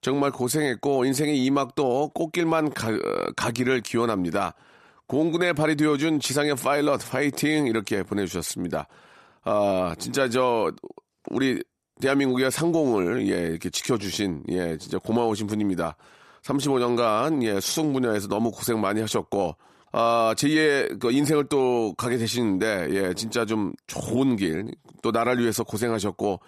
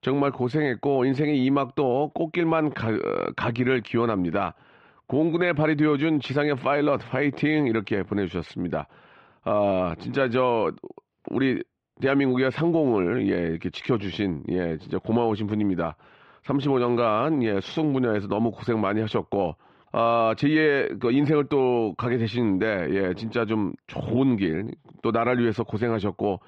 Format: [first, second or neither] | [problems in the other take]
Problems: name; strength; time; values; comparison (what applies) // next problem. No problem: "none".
first | muffled; slightly; fading above 3 kHz